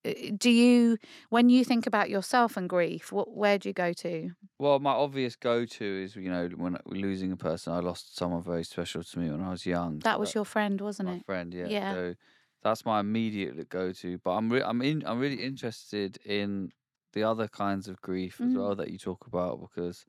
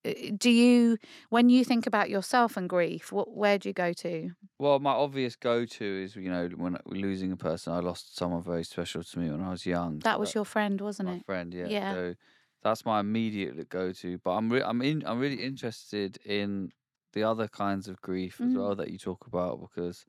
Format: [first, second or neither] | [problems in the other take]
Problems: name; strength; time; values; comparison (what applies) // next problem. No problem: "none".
neither | none